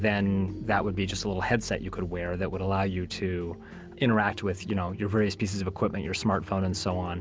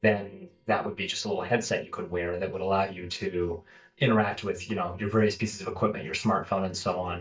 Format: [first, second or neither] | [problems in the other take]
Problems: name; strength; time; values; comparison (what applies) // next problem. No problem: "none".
first | noise reduction (neural mask model DeepFilterNet 3)